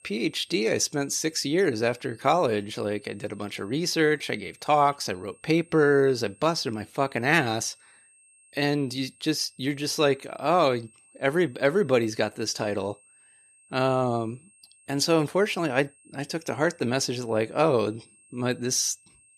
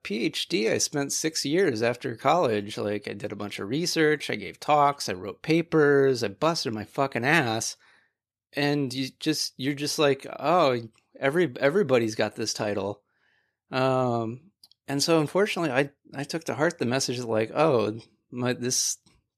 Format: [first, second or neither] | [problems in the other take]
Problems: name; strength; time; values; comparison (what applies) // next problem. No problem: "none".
second | high-pitched whine; faint; throughout; 8.5 kHz, 30 dB below the speech